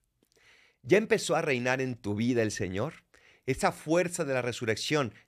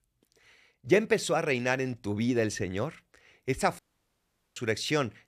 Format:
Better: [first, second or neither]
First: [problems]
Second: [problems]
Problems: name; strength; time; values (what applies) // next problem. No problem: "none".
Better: first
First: none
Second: audio cutting out; at 4 s for 1 s